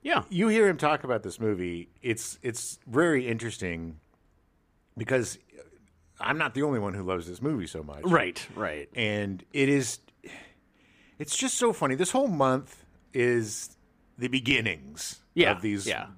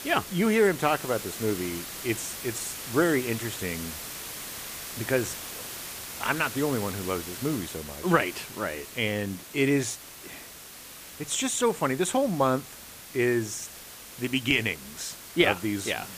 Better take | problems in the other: first | hiss; noticeable; throughout; 10 dB below the speech

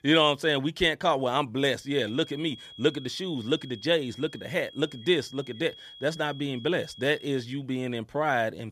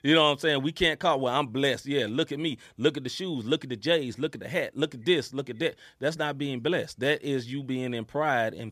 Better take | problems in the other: second | high-pitched whine; noticeable; from 2 to 7.5 s; 3.5 kHz, 20 dB below the speech

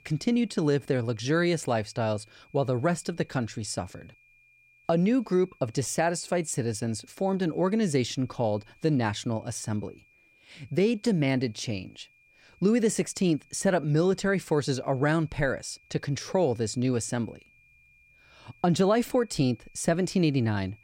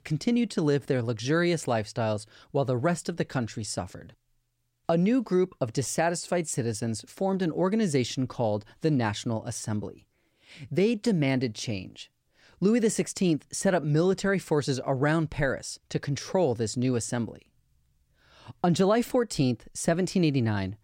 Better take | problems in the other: second | high-pitched whine; faint; throughout; 2.5 kHz, 30 dB below the speech

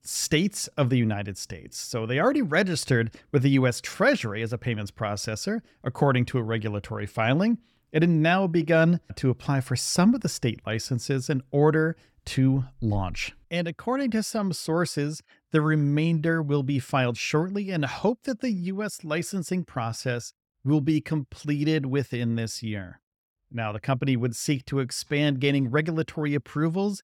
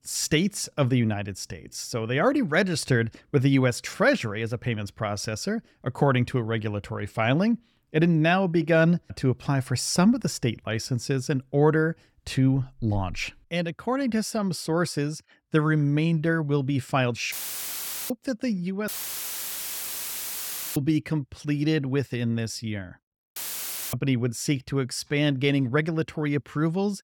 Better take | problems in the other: first | audio cutting out; filled with static; at 17 s for 1 s, at 19 s for 2 s and at 23 s for 0.5 s

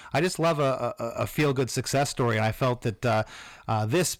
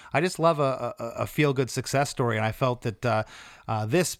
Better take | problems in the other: second | distortion; slight; 8% of the sound clipped

